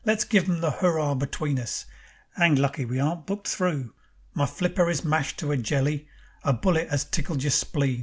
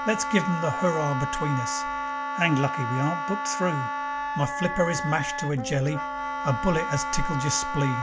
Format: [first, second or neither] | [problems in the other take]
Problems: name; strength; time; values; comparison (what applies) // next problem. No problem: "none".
first | background sound (Wind instrument, woodwind instrument); 3 dB below the speech